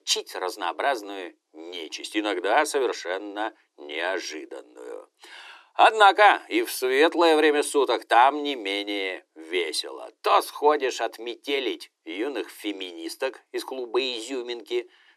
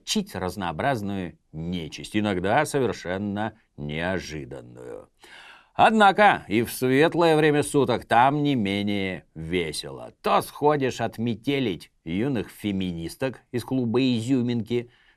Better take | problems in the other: second | thin; very; fading below 300 Hz

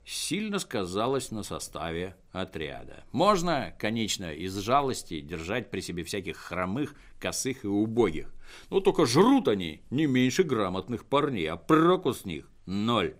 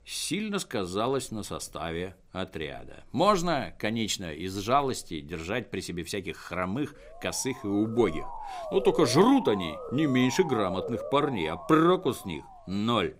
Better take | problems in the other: first | siren; noticeable; from 7 to 13 s; peak 6 dB below the speech

